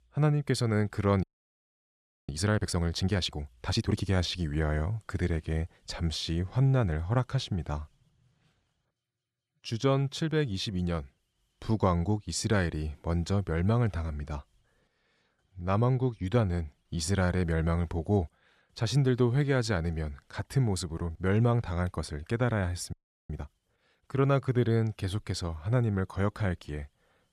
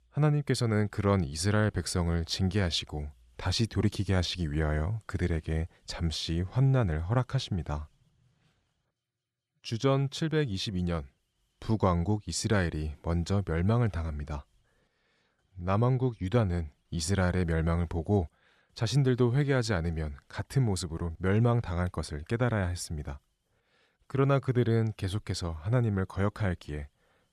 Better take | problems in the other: second | audio freezing; at 1 s for 1 s and at 23 s

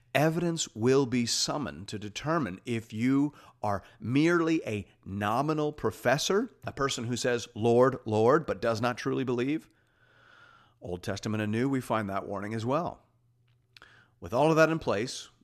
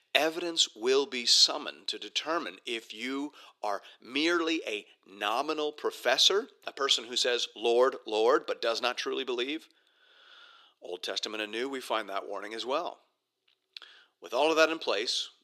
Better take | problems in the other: first | thin; somewhat; fading below 350 Hz

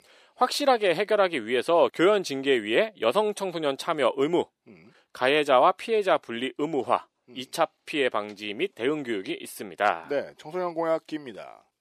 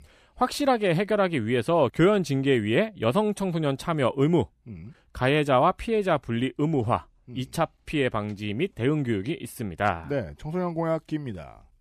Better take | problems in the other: second | thin; somewhat; fading below 450 Hz

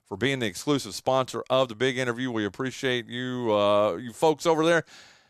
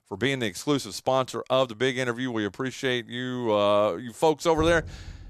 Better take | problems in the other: first | door banging; faint; at 4.5 s; peak 10 dB below the speech

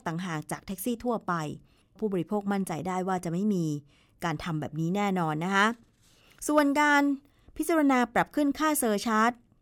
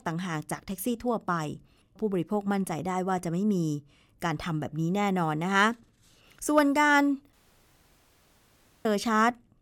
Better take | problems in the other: first | audio cutting out; at 7.5 s for 1.5 s

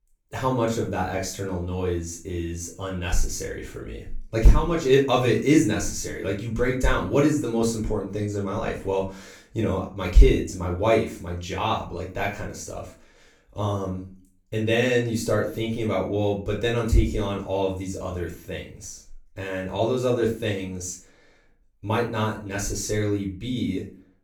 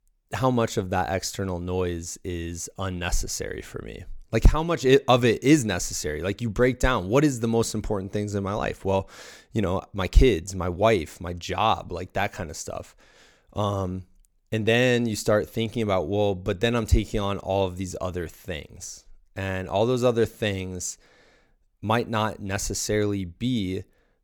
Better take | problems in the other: second | off-mic speech; far // room echo; slight; dies away in 0.3 s

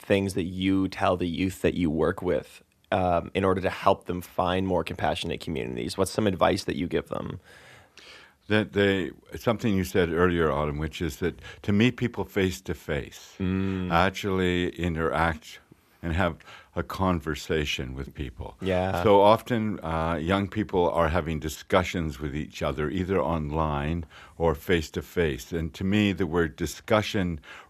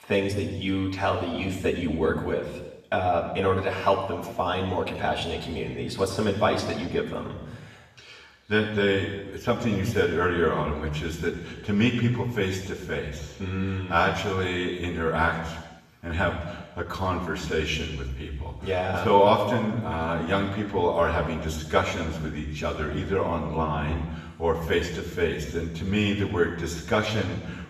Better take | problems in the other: first | room echo; noticeable; dies away in 1 s // off-mic speech; far

